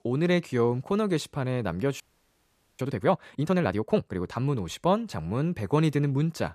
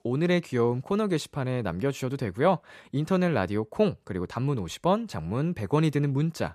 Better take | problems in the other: second | audio freezing; at 2 s for 1 s

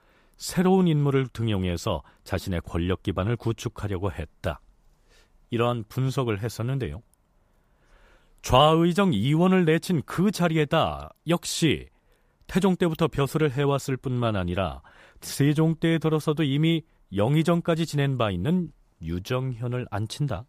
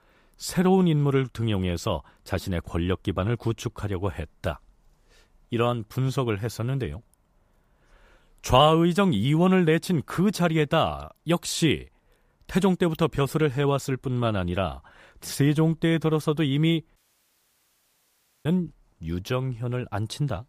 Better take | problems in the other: first | audio cutting out; at 17 s for 1.5 s

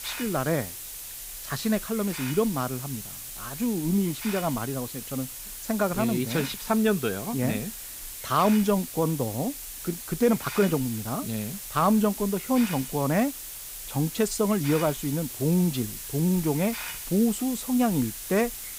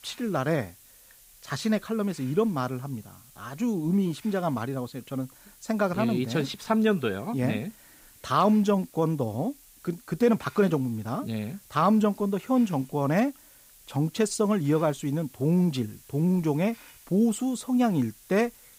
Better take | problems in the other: second | hiss; loud; throughout; 9 dB below the speech; faint in the second

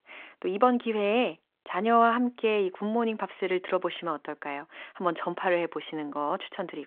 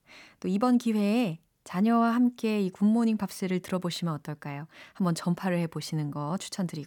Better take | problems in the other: second | phone-call audio

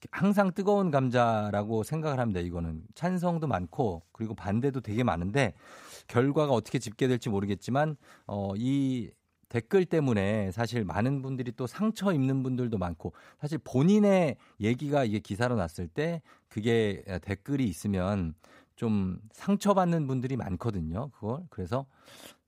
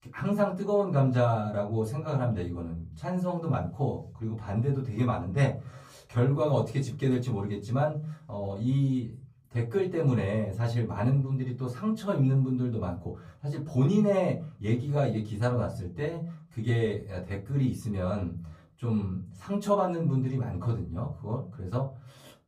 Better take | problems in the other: first | off-mic speech; far // room echo; very slight; dies away in 0.5 s

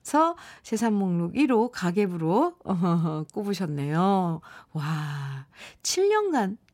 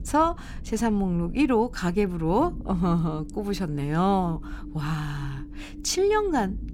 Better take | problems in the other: first | low rumble; faint; throughout; 20 dB below the speech

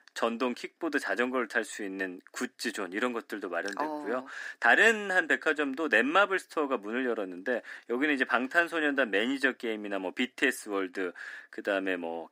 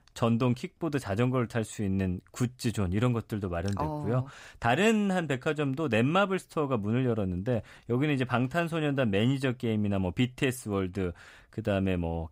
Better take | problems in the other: second | thin; somewhat; fading below 250 Hz

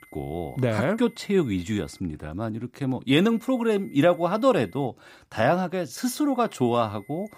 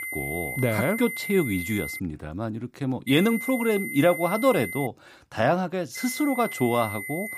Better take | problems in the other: first | high-pitched whine; loud; until 2 s, from 3 to 5 s and from 6 s on; 2 kHz, 7 dB below the speech; faint in the first

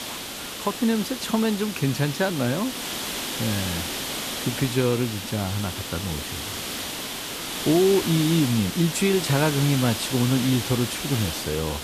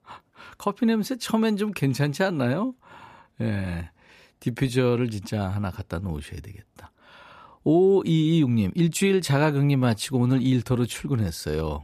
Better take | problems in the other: second | hiss; loud; throughout; 5 dB below the speech

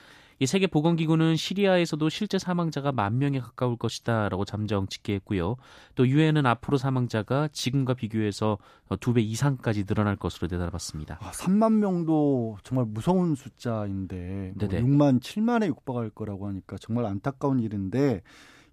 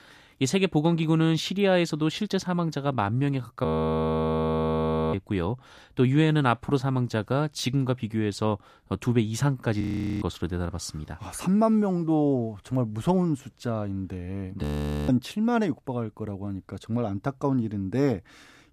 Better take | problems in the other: first | audio freezing; at 3.5 s for 1.5 s, at 10 s and at 15 s

